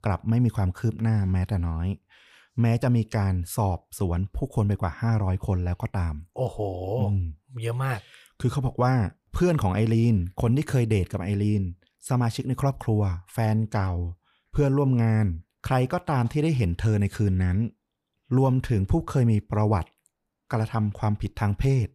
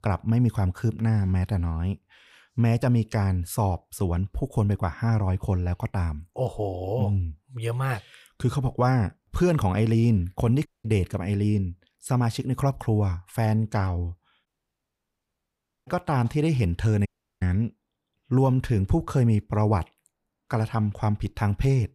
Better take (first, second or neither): first